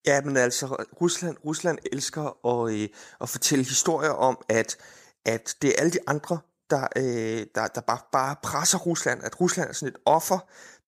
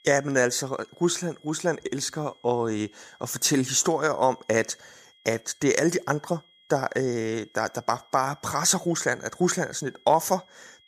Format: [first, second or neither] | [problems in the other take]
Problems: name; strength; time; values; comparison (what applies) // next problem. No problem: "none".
first | high-pitched whine; faint; throughout; 3.5 kHz, 30 dB below the speech